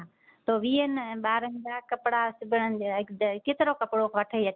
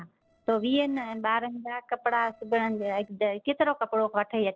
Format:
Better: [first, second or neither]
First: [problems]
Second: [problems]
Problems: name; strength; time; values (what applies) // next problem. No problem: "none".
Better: first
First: none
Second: noise reduction (neural separator model SepFormer DNS4)